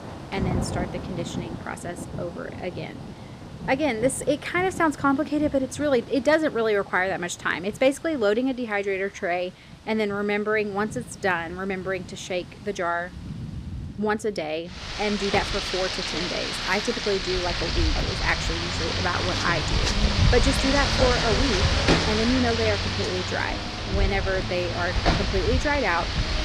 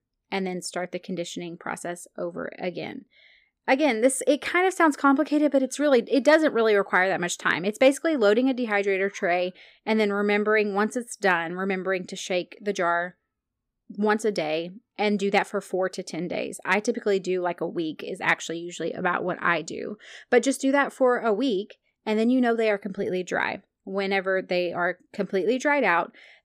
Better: second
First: rain or running water; loud; throughout; as loud as the speech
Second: none

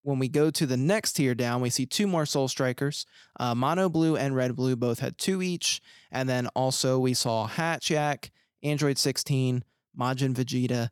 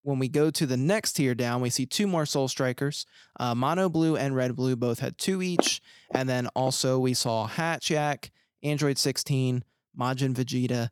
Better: first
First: none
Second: footsteps; noticeable; from 5.5 to 6.5 s; peak 2 dB below the speech

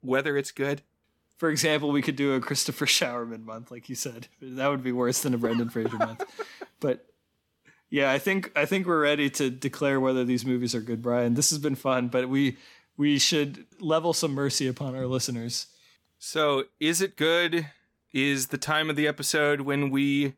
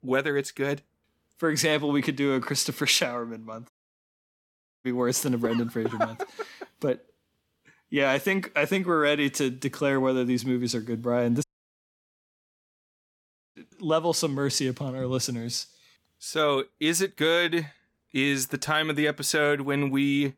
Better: first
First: none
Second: audio cutting out; at 3.5 s for 1 s and at 11 s for 2 s

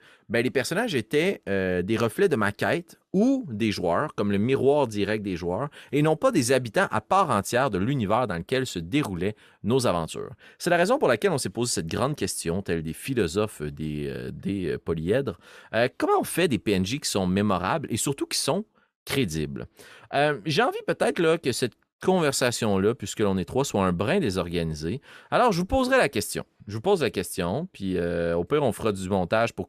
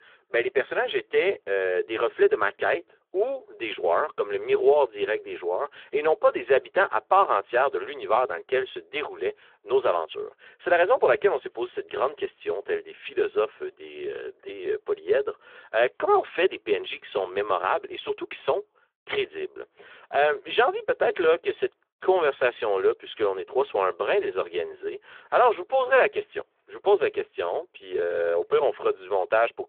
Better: first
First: none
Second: phone-call audio; nothing above 3.5 kHz

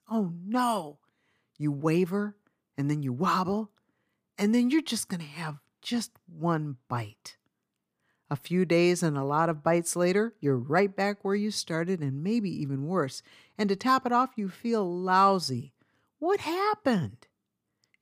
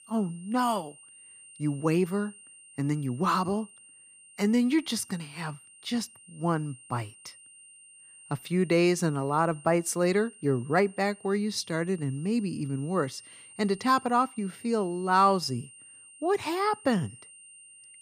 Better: first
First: none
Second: high-pitched whine; faint; throughout; 9 kHz, 20 dB below the speech

